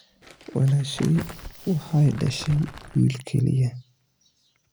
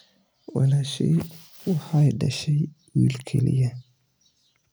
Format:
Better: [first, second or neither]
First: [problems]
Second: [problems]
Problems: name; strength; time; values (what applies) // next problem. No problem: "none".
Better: second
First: background sound (Crumpling, crinkling); 17 dB below the speech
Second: none